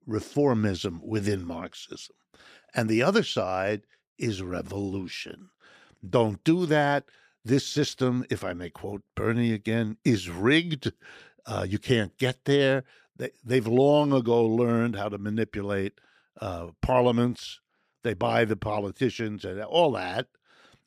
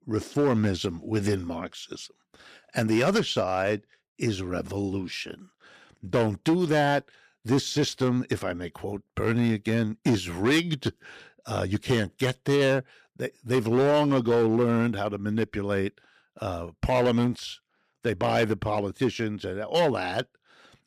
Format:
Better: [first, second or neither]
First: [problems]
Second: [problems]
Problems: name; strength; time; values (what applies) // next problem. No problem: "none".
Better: first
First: none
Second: distortion; slight; 5% of the sound clipped